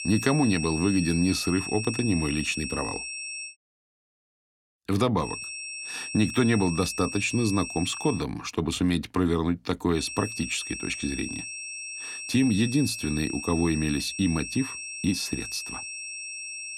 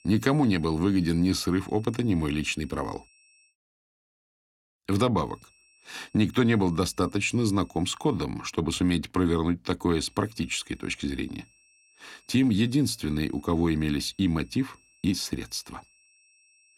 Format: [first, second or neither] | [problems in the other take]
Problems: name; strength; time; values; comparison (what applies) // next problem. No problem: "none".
second | high-pitched whine; loud; until 3.5 s, from 5 to 8 s and from 10 s on; 2.5 kHz, 7 dB below the speech; faint in the second